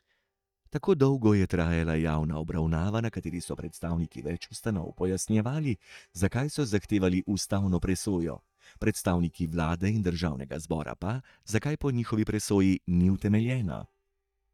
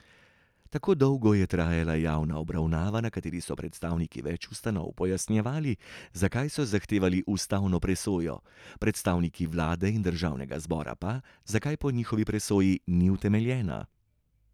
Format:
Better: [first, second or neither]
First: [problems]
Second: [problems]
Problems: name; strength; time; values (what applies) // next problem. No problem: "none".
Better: second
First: noise reduction (neural mask model DeepFilterNet 3)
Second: none